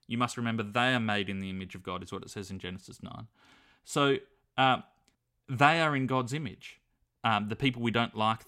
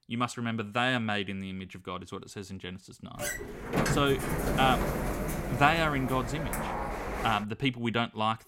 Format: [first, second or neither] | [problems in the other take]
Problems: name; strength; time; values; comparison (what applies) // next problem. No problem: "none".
first | door banging; loud; from 3 to 7.5 s; peak 1 dB above the speech